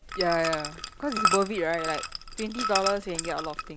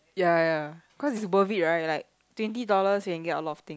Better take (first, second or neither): second